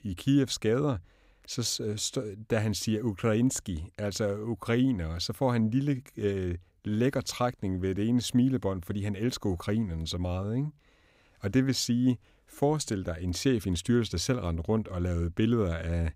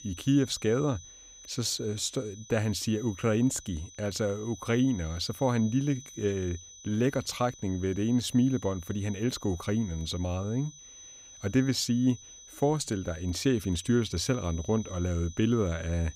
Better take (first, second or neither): first